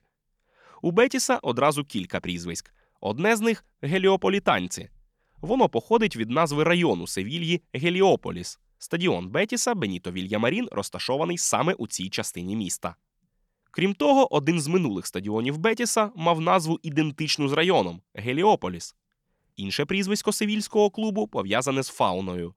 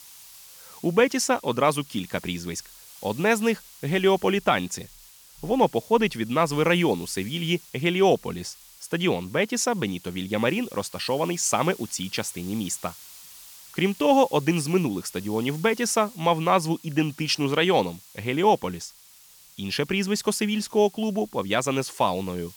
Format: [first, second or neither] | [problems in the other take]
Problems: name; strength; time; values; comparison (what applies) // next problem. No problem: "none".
first | hiss; faint; throughout; 20 dB below the speech